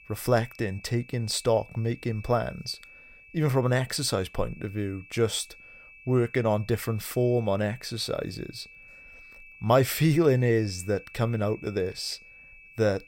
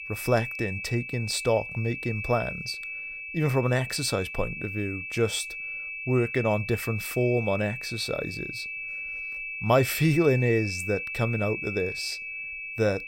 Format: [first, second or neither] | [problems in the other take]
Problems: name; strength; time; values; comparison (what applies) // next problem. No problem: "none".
first | high-pitched whine; loud; throughout; 2.5 kHz, 6 dB below the speech; faint in the first